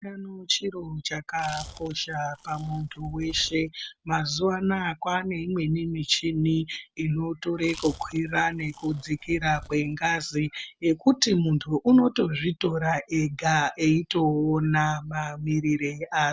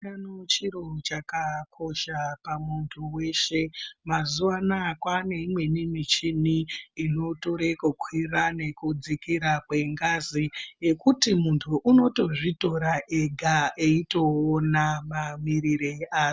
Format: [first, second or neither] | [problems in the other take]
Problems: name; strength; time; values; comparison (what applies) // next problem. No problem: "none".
second | background sound (Chewing, mastication); 18 dB below the speech